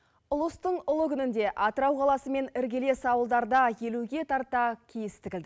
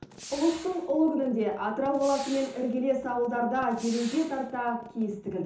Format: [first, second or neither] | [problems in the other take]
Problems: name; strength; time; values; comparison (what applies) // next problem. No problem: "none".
first | background sound (Gunshot, gunfire); 18 dB below the speech // room echo; dies away in 0.6 s